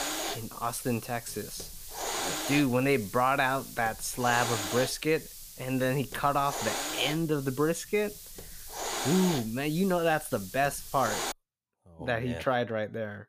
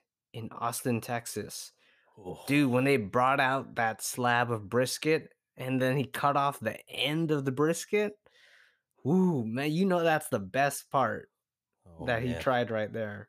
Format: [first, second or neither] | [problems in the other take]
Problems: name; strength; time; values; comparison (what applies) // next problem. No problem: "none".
second | hiss; loud; until 11 s; 7 dB below the speech